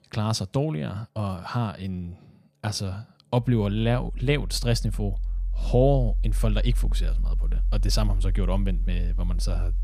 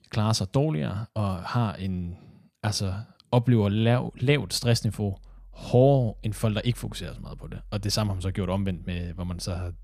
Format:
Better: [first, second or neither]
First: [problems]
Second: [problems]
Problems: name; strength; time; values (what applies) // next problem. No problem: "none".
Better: second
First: background music; loud; throughout; 2 dB below the speech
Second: background music; faint; throughout; 25 dB below the speech